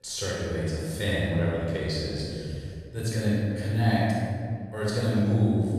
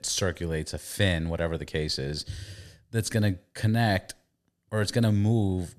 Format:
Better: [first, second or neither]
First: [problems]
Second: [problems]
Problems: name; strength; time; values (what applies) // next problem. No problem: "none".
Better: second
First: room echo; strong; dies away in 2.3 s // off-mic speech; far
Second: none